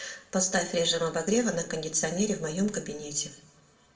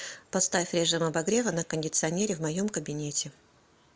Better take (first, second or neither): second